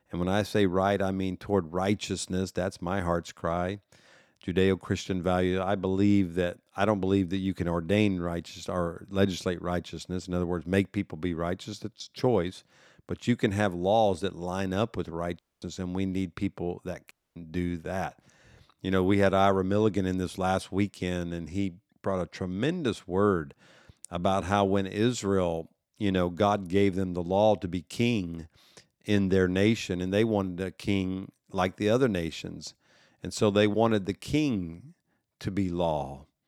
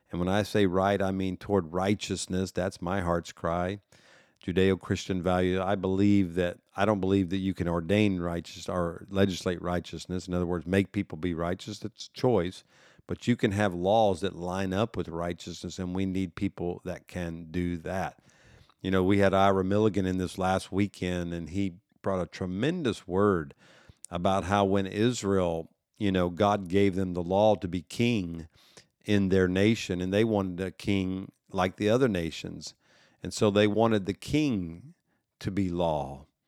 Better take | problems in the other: second | audio cutting out; at 15 s and at 17 s

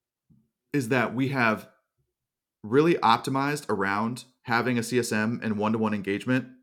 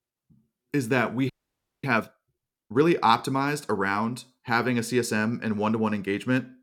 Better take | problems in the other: first | audio freezing; at 1.5 s for 0.5 s

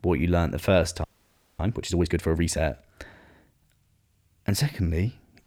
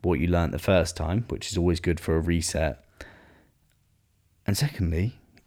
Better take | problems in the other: second | audio freezing; at 1 s for 0.5 s

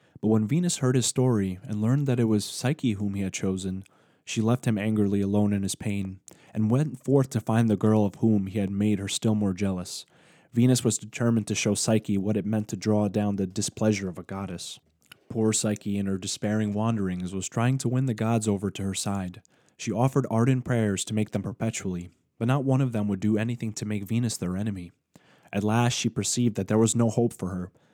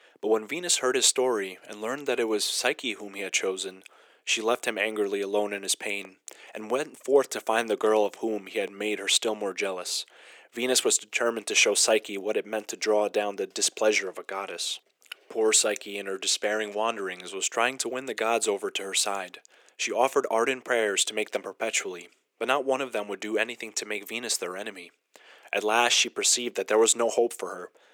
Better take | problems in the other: first | thin; very; fading below 450 Hz

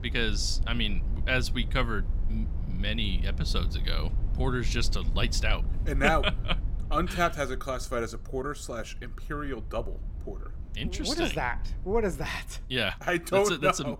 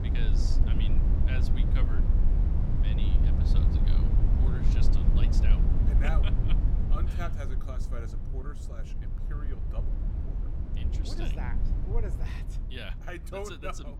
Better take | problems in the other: first | low rumble; loud; throughout; 1 dB below the speech; faint in the first

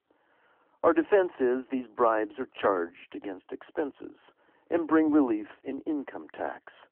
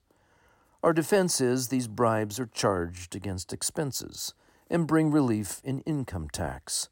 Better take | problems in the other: second | phone-call audio

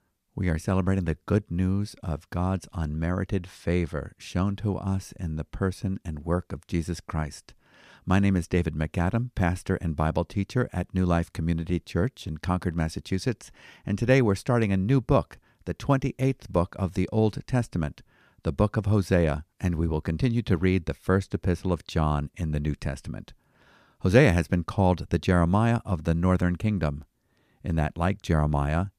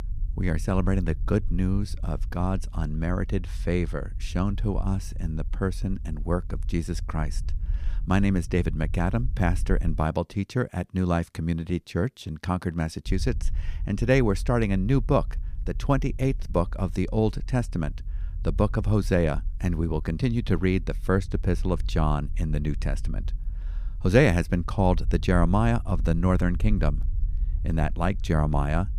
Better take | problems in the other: first | low rumble; faint; until 10 s and from 13 s on; 25 dB below the speech

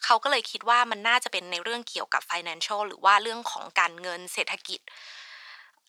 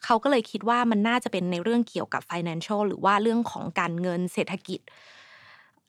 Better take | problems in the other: second | thin; very; fading below 1 kHz

